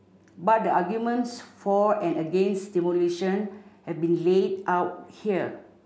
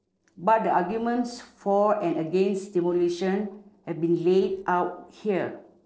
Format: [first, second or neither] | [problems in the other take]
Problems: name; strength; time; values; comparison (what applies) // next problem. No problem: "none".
first | noise reduction (neural separator model SepFormer DNS4)